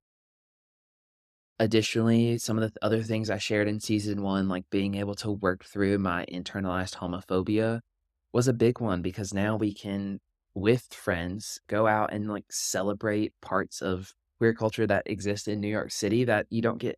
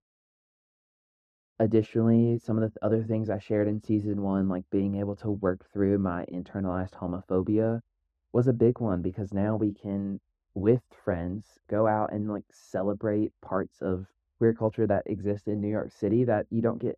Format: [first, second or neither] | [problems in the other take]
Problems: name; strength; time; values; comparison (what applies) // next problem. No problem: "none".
first | muffled; very; fading above 2 kHz